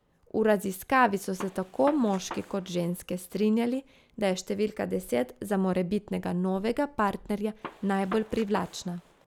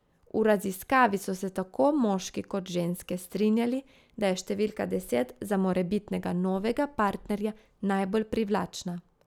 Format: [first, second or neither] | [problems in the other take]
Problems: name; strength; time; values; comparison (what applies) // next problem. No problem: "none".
second | background sound (Gunshot, gunfire); 15 dB below the speech